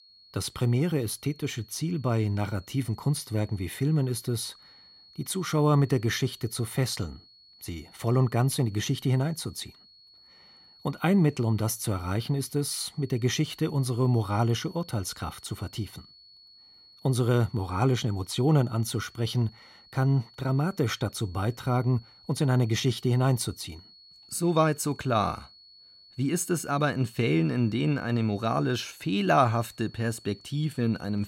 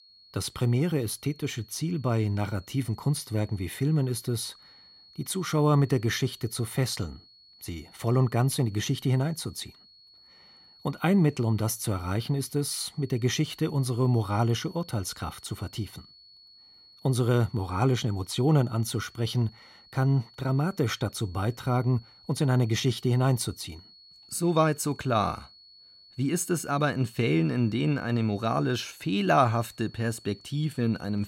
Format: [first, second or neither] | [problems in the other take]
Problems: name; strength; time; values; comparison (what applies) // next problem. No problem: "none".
neither | high-pitched whine; faint; throughout; 4.5 kHz, 25 dB below the speech; the same in both